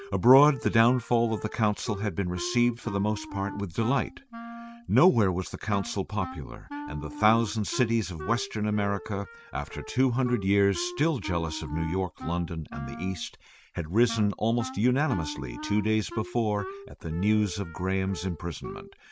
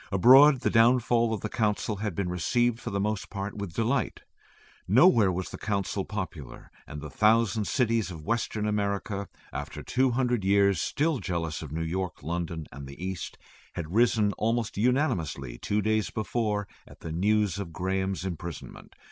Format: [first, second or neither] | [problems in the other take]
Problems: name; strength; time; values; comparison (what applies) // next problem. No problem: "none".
second | background sound (Wind instrument, woodwind instrument); 14 dB below the speech